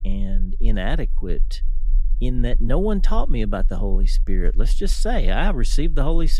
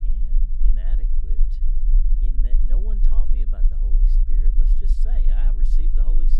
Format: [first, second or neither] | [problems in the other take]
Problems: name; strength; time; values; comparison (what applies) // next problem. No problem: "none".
first | low rumble; loud; throughout; as loud as the speech; faint in the first